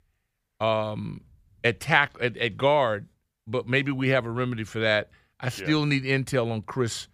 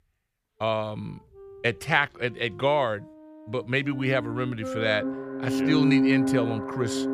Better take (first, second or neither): first